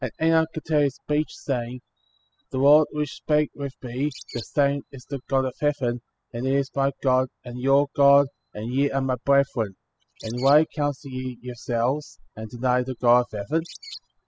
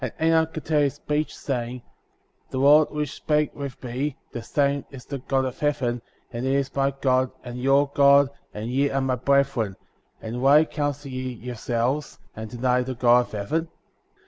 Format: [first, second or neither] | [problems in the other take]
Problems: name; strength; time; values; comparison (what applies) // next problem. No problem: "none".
second | noise reduction (classical method spectral subtraction)